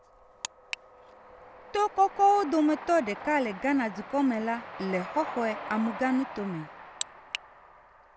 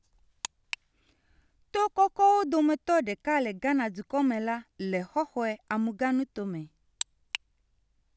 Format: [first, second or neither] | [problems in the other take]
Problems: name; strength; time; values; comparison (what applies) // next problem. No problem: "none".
second | background sound (Train); 13 dB below the speech